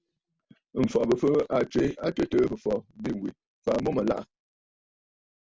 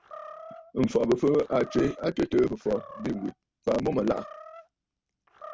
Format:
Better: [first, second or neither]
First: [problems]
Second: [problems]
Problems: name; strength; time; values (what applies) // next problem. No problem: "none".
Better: first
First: none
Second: background sound (Animal); 19 dB below the speech